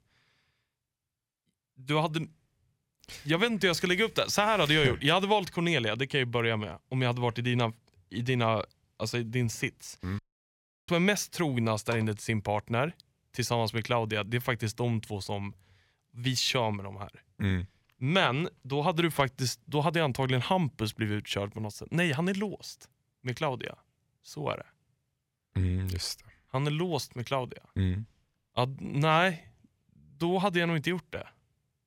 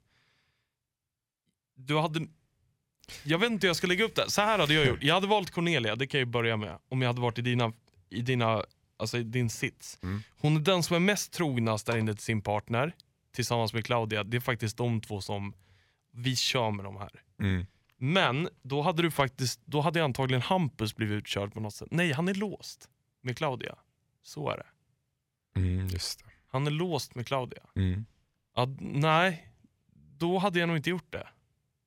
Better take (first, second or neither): second